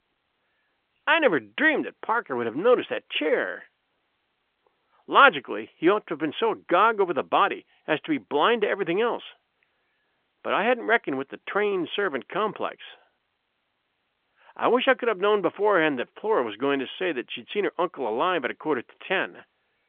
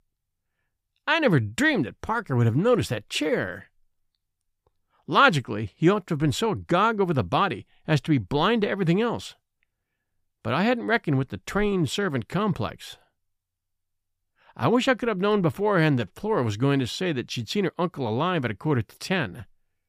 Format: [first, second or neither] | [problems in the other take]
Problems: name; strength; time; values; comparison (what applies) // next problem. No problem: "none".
second | phone-call audio; nothing above 3.5 kHz